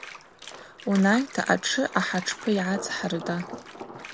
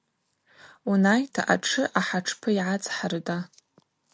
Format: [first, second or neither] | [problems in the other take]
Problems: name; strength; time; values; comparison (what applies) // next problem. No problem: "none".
second | background sound (Bathtub (filling or washing) + Thunder); 13 dB below the speech